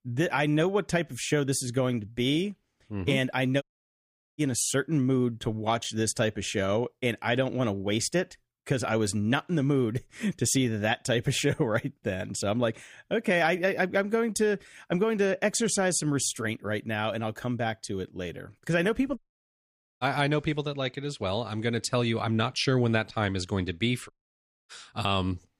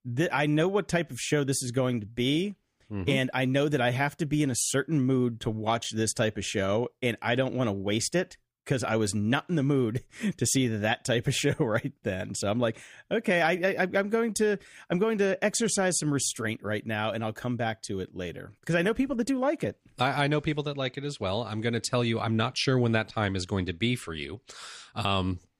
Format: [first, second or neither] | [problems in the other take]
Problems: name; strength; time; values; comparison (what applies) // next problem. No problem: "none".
second | audio cutting out; at 3.5 s for 1 s, at 19 s for 1 s and at 24 s for 0.5 s